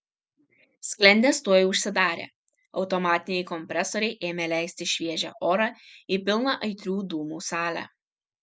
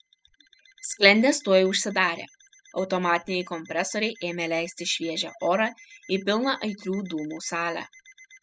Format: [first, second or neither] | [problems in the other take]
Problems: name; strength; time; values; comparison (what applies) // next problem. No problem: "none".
first | noise reduction (classical method spectral subtraction)